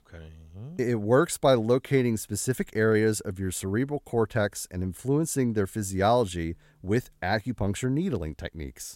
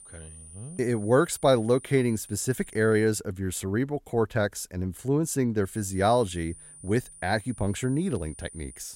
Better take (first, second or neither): first